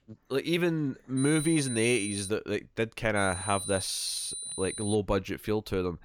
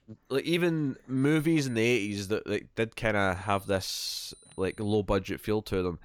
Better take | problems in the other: second | high-pitched whine; loud; from 1 to 2.5 s and from 3 to 5 s; 9.5 kHz, 6 dB below the speech; faint in the second

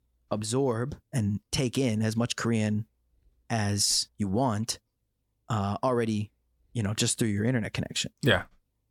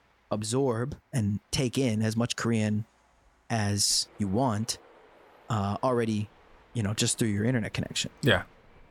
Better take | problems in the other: first | train or aircraft noise; faint; throughout; 30 dB below the speech

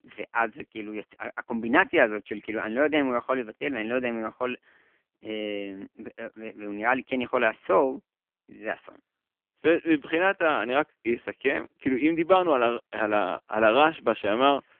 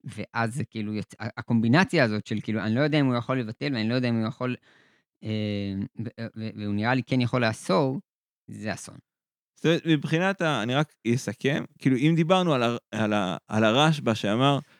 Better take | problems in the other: second | phone-call audio; poor line; nothing above 3.5 kHz

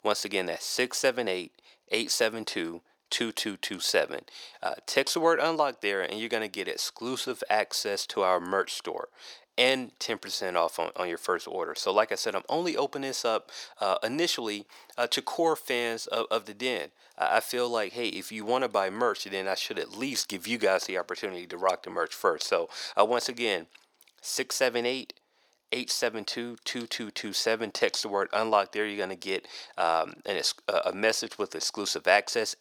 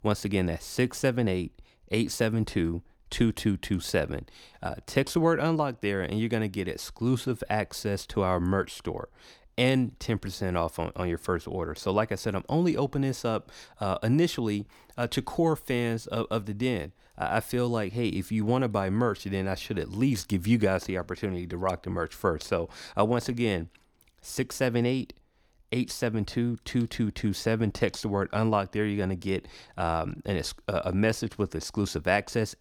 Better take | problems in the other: second | thin; very; fading below 550 Hz

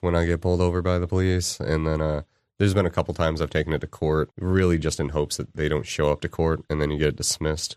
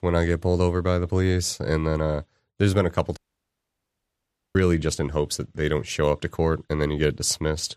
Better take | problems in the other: first | audio cutting out; at 3 s for 1.5 s

